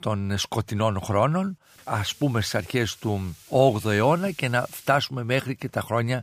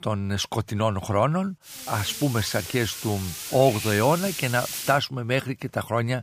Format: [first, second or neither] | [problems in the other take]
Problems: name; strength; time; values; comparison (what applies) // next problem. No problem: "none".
first | hiss; loud; from 1.5 to 5 s; 8 dB below the speech; faint in the first